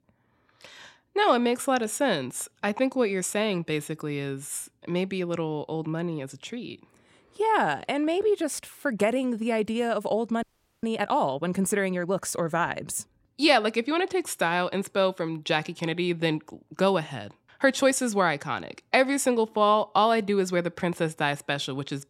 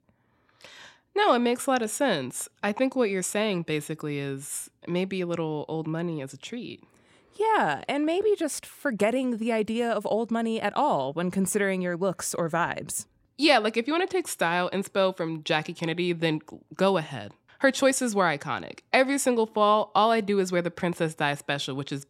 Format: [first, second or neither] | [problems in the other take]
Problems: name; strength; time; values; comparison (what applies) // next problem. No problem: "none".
second | audio freezing; at 10 s